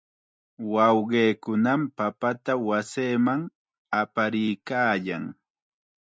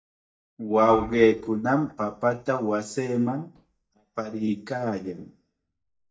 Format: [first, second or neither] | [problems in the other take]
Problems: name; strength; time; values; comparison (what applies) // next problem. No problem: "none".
first | noise reduction (neural mask model DeepFilterNet 3)